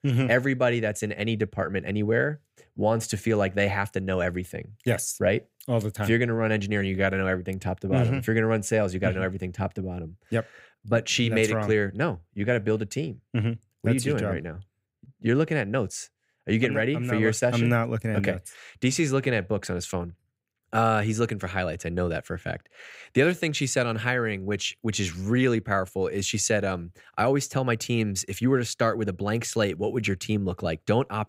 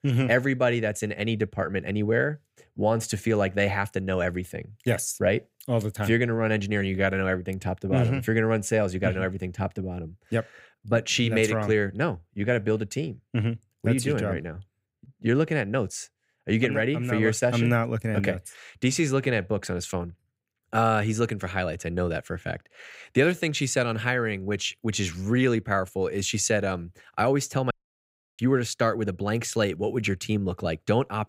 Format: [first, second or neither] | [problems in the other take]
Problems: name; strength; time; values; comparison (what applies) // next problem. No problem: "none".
first | audio cutting out; at 28 s for 0.5 s